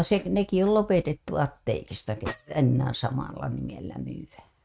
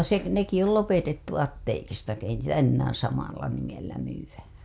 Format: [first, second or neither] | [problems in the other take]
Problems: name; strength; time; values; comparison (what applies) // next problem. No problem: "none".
second | noise reduction (neural mask model RNNoise)